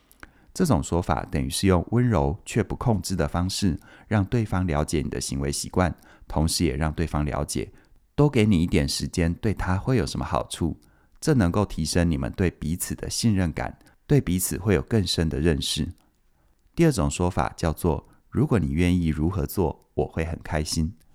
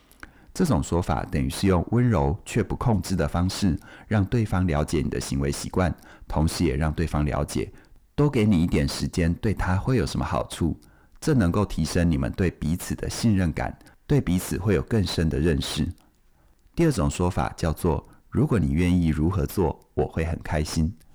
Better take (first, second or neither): first